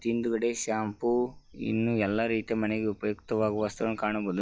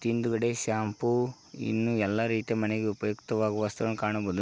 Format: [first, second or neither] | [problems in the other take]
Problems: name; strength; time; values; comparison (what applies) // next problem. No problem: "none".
second | noise reduction (classical method log-MMSE)